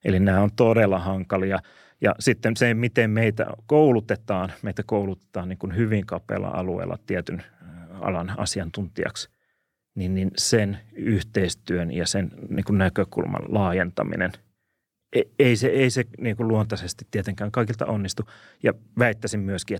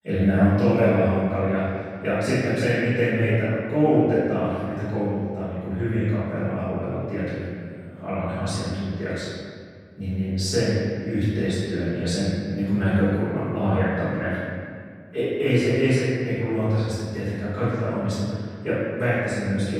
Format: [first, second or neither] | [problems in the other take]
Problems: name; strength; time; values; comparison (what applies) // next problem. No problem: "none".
first | off-mic speech; far // room echo; strong; dies away in 1.9 s